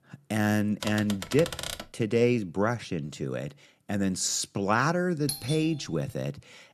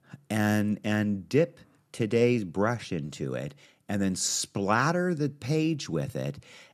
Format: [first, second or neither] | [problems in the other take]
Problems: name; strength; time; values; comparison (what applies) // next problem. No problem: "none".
second | keyboard typing; noticeable; from 1 to 2 s; peak 6 dB below the speech // doorbell; noticeable; at 5.5 s; peak 6 dB below the speech